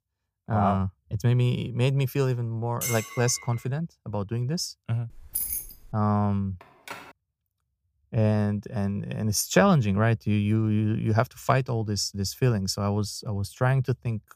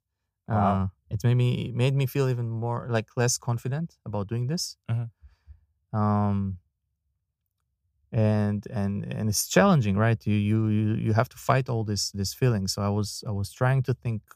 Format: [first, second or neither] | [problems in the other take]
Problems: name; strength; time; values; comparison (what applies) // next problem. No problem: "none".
second | clattering dishes; noticeable; at 3 s; peak 4 dB below the speech // jangling keys; noticeable; at 5 s; peak 2 dB below the speech // phone ringing; faint; at 6.5 s; peak 15 dB below the speech